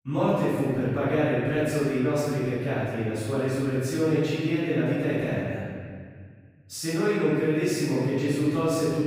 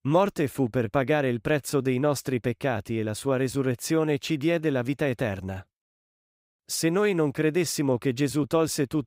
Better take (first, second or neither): second